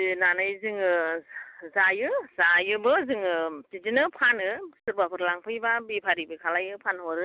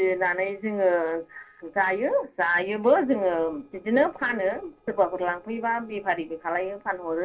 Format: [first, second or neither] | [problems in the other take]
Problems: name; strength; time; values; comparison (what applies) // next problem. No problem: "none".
first | noise reduction (neural separator model SepFormer DNS4)